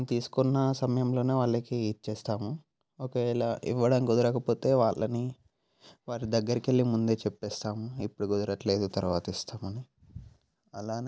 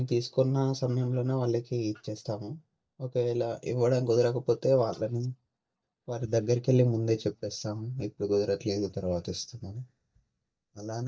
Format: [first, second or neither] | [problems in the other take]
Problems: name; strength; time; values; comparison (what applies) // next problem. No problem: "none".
first | noise reduction (neural mask model DeepFilterNet 3)